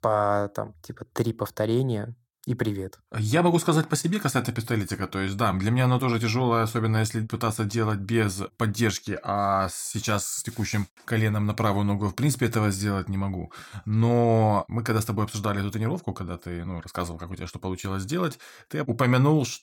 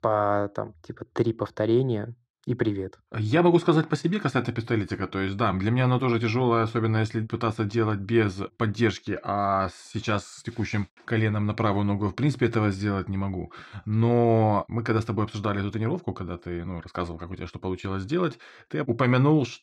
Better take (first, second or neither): first